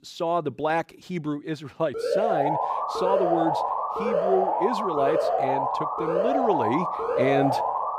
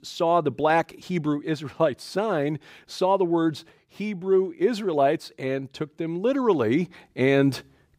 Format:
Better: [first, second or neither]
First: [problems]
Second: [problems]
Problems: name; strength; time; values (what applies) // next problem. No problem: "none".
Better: second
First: alarm; loud; from 2 s on; peak 4 dB above the speech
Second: none